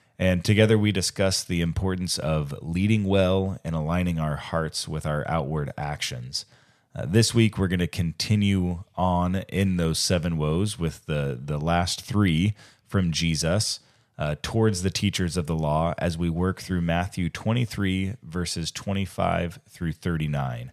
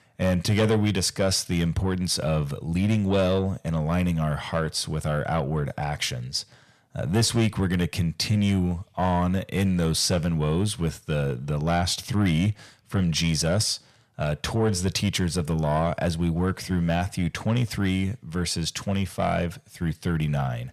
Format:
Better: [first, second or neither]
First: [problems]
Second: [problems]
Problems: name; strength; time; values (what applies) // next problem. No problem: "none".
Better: first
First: none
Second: distortion; slight; 10 dB below the speech